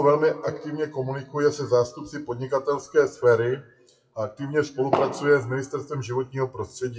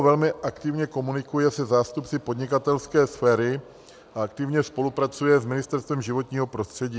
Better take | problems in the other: second | noise reduction (classical method WPE with log-MMSE)

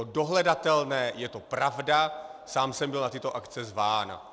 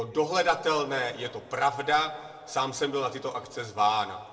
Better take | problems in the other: first | room echo; dies away in 1.2 s

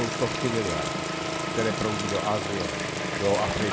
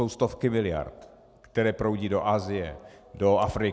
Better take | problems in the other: second | background sound (Bathtub (filling or washing) / Water tap, faucet + Engine); as loud as the speech

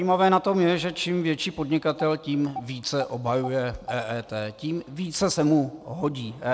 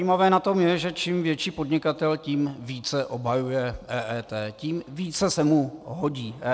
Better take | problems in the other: second | background sound (Telephone); 15 dB below the speech

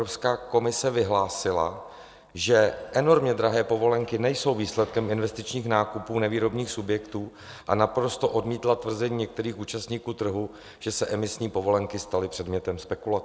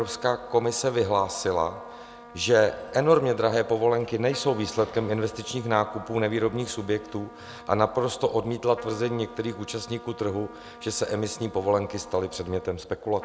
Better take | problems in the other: first | background sound (Trumpet); 19 dB below the speech

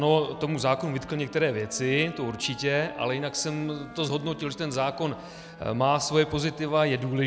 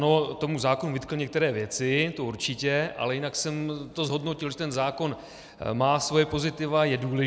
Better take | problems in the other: second | background sound (Wind instrument, woodwind instrument); 18 dB below the speech

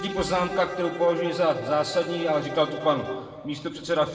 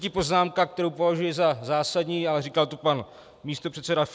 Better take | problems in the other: second | background sound (Bowed string instrument); 12 dB below the speech // room echo; dies away in 1.6 s

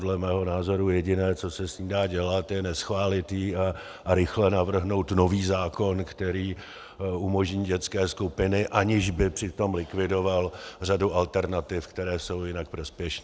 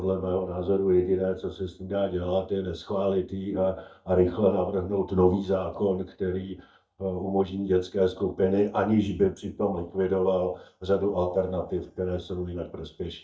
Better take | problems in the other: first | noise reduction (neural mask model DeepFilterNet 3)

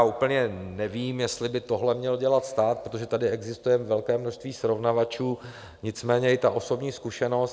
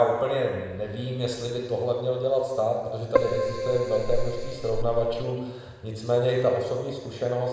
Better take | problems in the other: first | background sound (Keyboard (musical)); as loud as the speech // room echo; dies away in 1.2 s

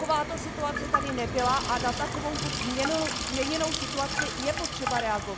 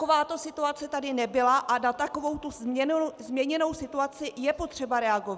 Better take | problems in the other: second | background sound (Sink (filling or washing) / Water tap, faucet); 1 dB below the speech

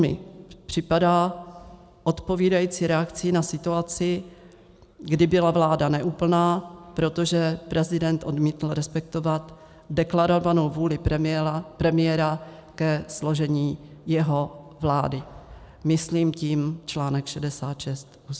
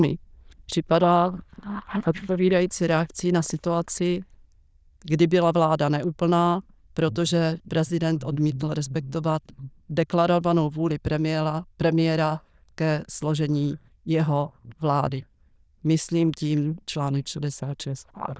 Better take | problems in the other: first | noise reduction (neural diffusion model UNIVERSE++)

